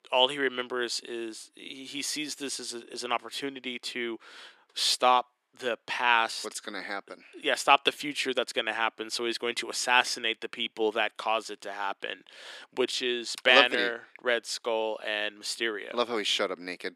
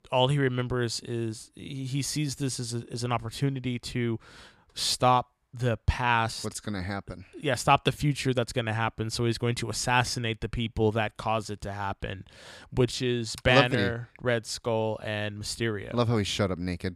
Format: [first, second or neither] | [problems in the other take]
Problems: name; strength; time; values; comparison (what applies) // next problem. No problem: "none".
second | thin; somewhat; fading below 300 Hz